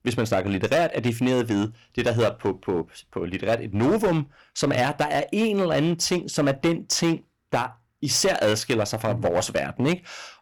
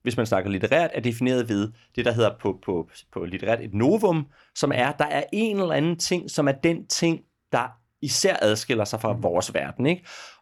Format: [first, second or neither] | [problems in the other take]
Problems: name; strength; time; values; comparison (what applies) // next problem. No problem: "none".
second | distortion; slight; 8% of the sound clipped